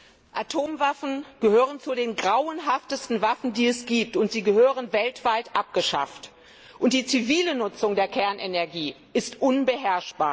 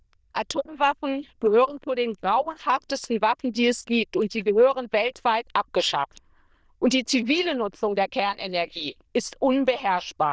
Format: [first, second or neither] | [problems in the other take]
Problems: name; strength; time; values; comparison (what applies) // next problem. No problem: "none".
first | noise reduction (neural diffusion model UNIVERSE++)